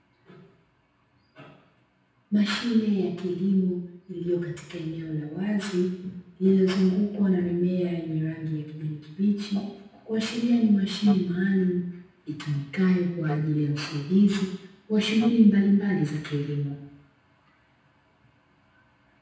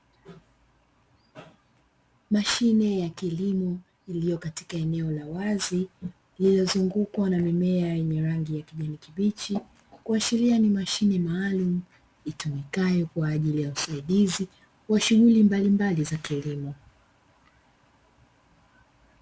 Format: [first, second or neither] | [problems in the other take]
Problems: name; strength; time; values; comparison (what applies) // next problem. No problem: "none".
second | background sound (Wind instrument, woodwind instrument); 13 dB below the speech // room echo; dies away in 0.9 s